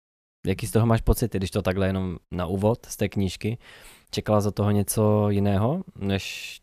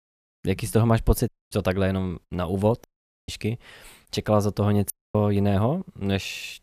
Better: first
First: none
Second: audio cutting out; at 1.5 s, at 3 s and at 5 s

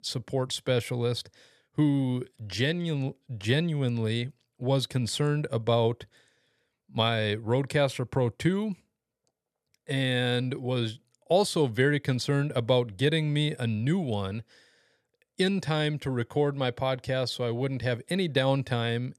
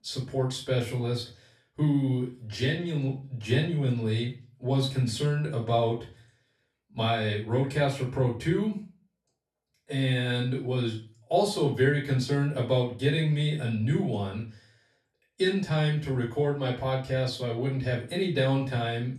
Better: first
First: none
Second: room echo; slight; dies away in 0.3 s // off-mic speech; far

